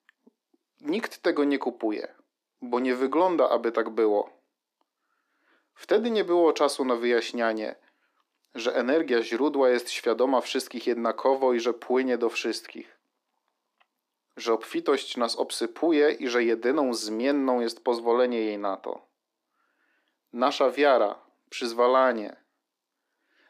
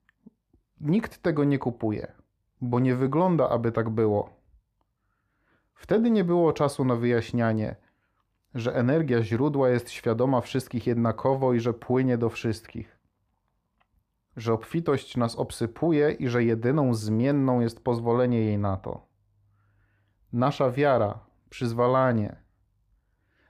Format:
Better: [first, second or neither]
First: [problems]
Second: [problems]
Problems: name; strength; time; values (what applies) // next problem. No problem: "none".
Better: second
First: thin; somewhat; fading below 250 Hz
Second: none